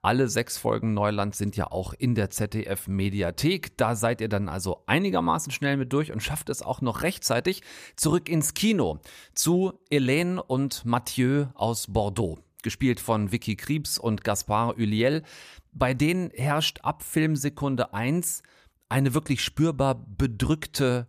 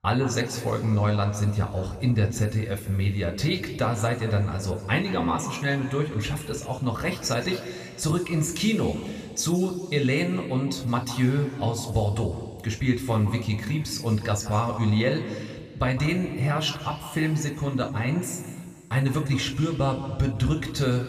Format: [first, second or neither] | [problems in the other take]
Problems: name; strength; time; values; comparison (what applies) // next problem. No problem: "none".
first | room echo; slight; dies away in 2 s